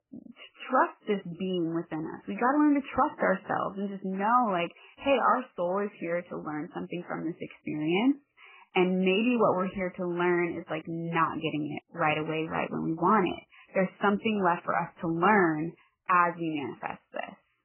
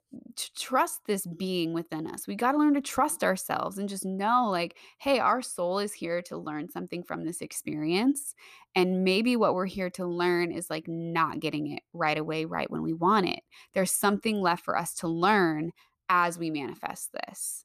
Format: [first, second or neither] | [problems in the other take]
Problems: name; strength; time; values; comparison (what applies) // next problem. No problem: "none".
second | garbled, watery; badly; nothing above 3 kHz